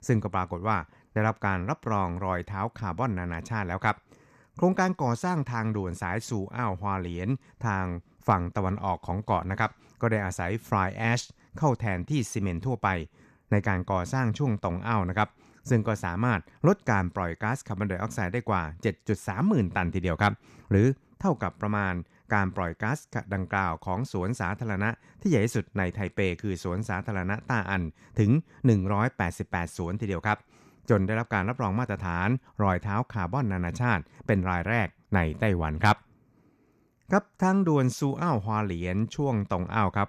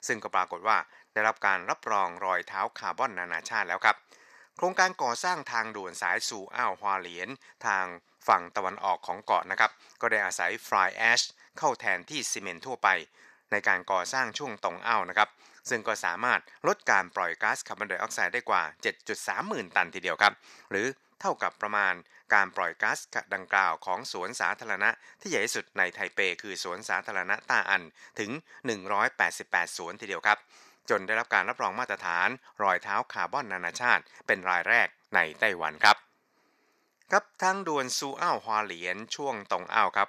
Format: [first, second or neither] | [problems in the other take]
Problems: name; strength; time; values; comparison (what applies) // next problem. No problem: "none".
first | thin; very; fading below 650 Hz